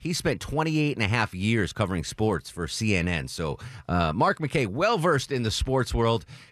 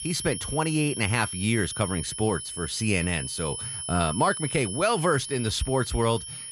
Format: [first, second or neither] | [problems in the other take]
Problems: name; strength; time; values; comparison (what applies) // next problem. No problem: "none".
first | high-pitched whine; loud; throughout; 10 kHz, 6 dB below the speech